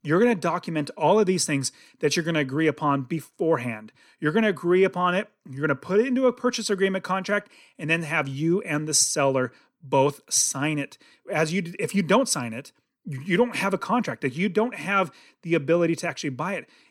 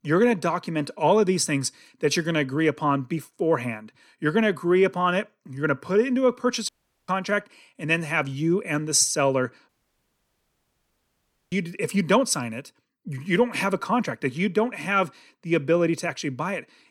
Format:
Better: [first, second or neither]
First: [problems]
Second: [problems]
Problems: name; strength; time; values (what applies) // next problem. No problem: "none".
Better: first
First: none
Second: audio cutting out; at 6.5 s and at 9.5 s for 2 s